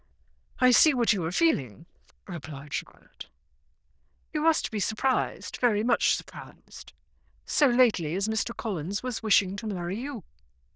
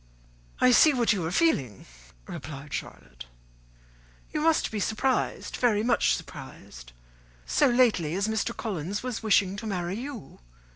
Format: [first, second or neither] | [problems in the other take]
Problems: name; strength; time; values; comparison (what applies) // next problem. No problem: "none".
second | noise reduction (neural diffusion model UNIVERSE++)